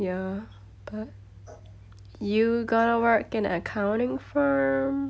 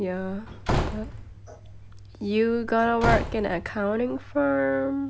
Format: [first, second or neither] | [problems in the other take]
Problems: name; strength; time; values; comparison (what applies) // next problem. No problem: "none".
first | background sound (Slam / Wood); 5 dB below the speech